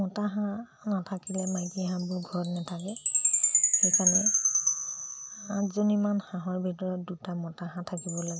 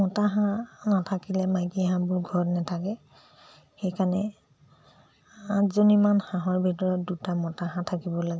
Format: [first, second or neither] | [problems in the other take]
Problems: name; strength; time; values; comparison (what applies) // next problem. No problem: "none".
second | background sound (Chime); 2 dB above the speech